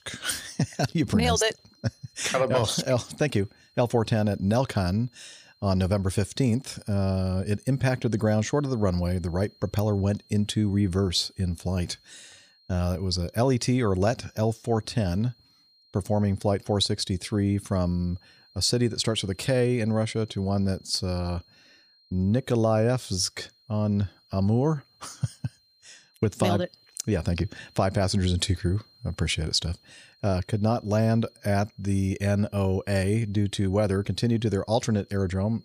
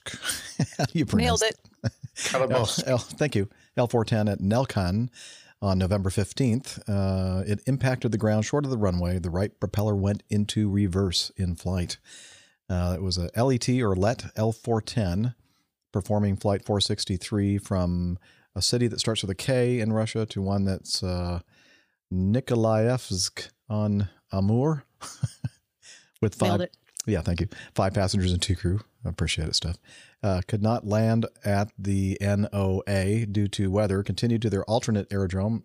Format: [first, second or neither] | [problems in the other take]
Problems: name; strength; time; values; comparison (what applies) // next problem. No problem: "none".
second | high-pitched whine; faint; throughout; 4 kHz, 30 dB below the speech